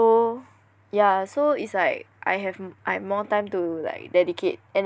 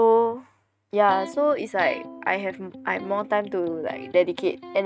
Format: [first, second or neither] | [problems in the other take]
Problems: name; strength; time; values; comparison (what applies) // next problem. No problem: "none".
first | noise reduction (neural mask model RNNoise)